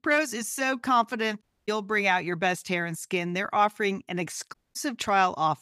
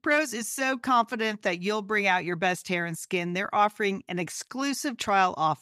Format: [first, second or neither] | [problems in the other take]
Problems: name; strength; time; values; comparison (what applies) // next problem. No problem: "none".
second | audio cutting out; at 1.5 s and at 4.5 s